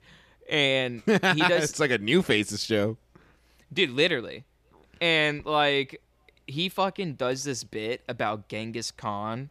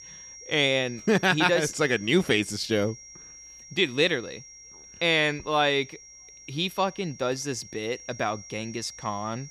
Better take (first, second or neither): first